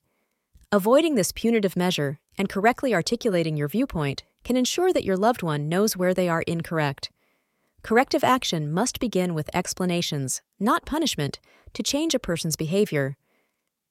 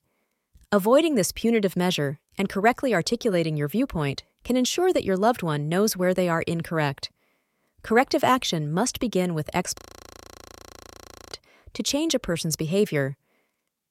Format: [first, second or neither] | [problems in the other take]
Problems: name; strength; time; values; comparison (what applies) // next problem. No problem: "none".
first | audio freezing; at 10 s for 1.5 s